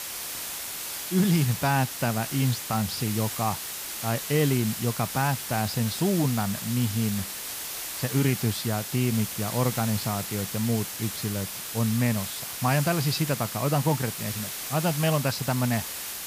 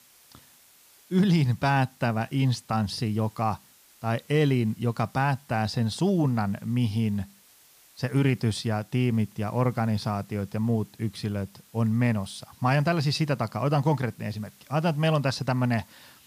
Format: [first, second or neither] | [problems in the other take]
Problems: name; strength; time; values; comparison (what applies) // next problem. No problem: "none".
second | hiss; loud; throughout; 5 dB below the speech; faint in the second